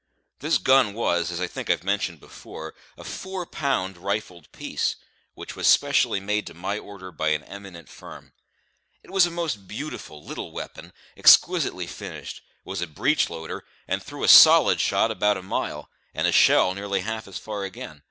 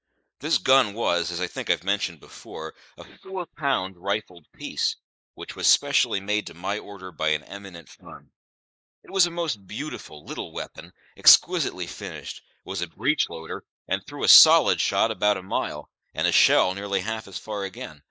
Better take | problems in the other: first | noise reduction (neural mask model Resemble Enhance denoiser)

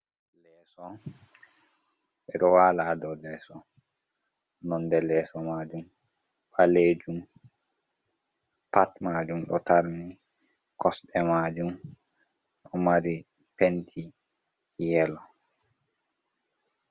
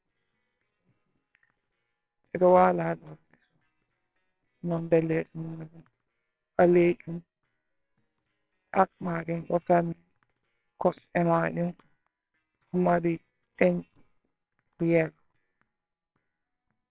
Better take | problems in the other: first | noise reduction (neural separator model SepFormer WHAMR!)

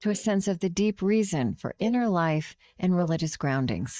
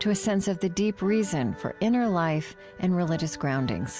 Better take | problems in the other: second | noise reduction (neural mask model DeepFilterNet 3)

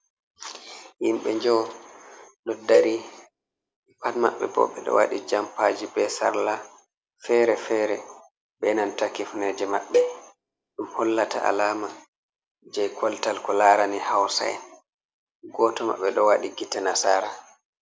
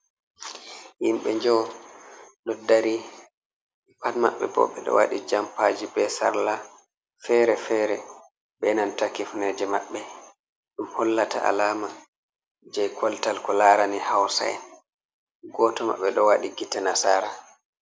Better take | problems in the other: second | background sound (Cowbell); 3 dB below the speech

